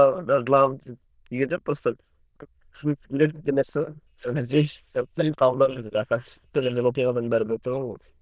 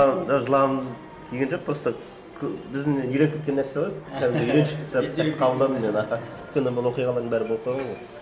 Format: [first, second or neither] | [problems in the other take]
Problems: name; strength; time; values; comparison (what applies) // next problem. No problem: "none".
second | noise reduction (neural diffusion model UNIVERSE++)